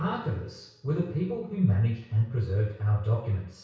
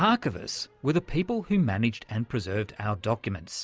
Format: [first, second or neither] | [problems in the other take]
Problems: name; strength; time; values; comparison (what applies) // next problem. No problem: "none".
second | room echo; dies away in 0.6 s